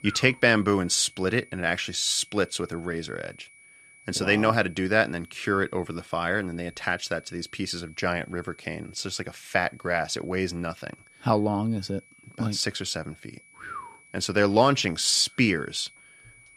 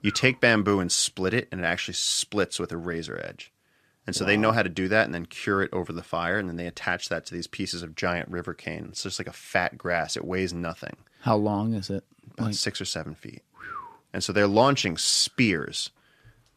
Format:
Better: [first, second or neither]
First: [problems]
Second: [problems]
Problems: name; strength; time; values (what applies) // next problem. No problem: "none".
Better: second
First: high-pitched whine; faint; throughout; 2.5 kHz, 25 dB below the speech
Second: none